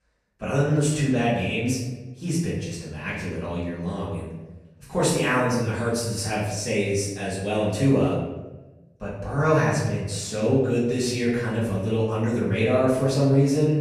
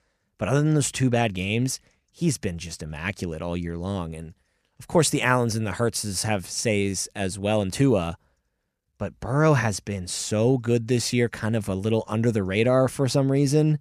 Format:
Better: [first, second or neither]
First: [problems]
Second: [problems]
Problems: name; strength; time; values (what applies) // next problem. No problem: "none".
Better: second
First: room echo; noticeable; dies away in 0.9 s // off-mic speech; far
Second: none